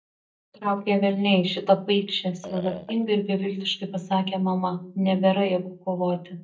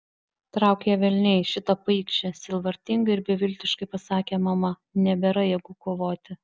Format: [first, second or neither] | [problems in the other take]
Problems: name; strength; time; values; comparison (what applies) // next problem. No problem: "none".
second | noise reduction (neural mask model DeepFilterNet 3)